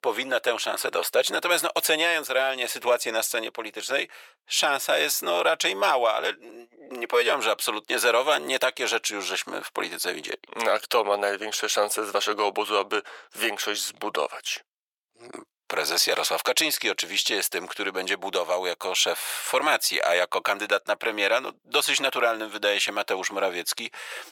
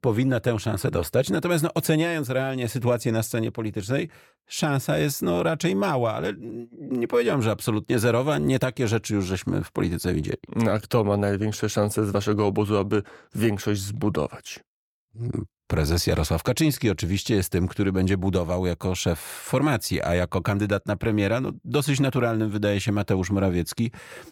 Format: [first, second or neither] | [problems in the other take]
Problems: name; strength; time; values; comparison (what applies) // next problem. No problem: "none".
second | thin; very; fading below 600 Hz